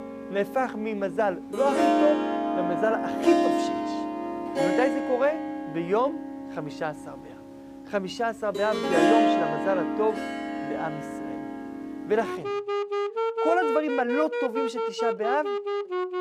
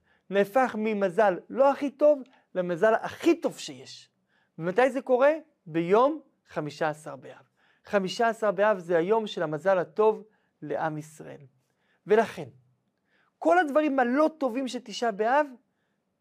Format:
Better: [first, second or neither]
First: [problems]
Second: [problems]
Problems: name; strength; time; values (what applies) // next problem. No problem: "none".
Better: second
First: background music; very loud; throughout; as loud as the speech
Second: none